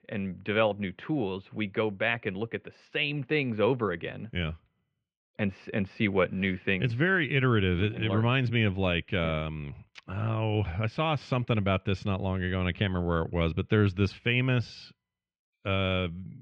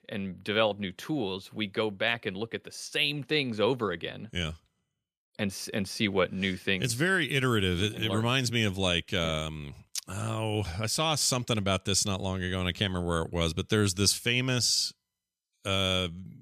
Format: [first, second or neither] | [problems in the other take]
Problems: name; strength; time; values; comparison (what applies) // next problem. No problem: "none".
second | muffled; very; fading above 2.5 kHz